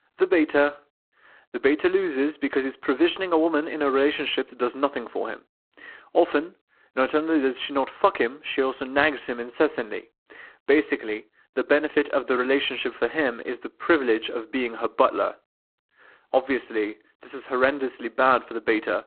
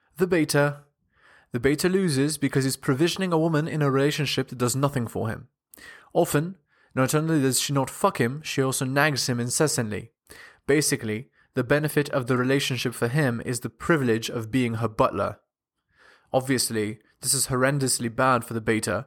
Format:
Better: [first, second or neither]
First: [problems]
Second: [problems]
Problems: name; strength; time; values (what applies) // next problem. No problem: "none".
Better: second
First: phone-call audio; poor line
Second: none